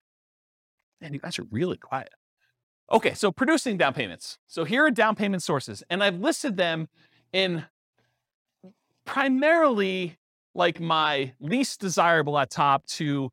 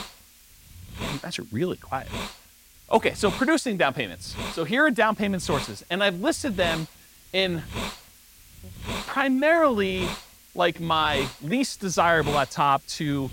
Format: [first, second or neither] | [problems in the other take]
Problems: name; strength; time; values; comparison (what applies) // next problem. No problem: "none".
first | hiss; noticeable; throughout; 10 dB below the speech